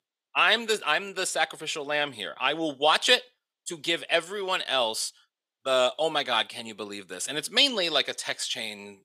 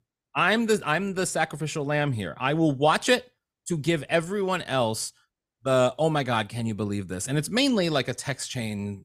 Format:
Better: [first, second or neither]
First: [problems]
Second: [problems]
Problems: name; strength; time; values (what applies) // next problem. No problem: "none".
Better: second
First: thin; somewhat; fading below 450 Hz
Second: none